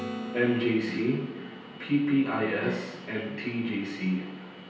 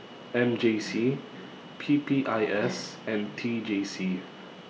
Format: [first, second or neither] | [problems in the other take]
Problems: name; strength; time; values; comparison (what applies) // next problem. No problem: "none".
second | background sound (Acoustic guitar / Strum); 14 dB below the speech // room echo; dies away in 0.9 s